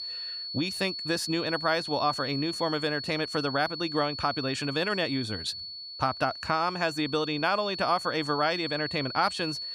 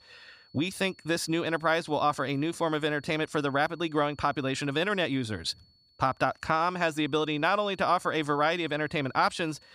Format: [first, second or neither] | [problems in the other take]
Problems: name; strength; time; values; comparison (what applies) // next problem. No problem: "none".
second | high-pitched whine; loud; throughout; 4.5 kHz, 6 dB below the speech; faint in the second